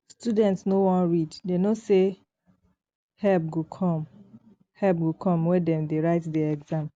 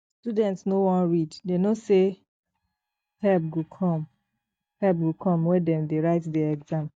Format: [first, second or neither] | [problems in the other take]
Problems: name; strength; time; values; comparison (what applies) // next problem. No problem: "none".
first | noise reduction (neural mask model DeepFilterNet 3)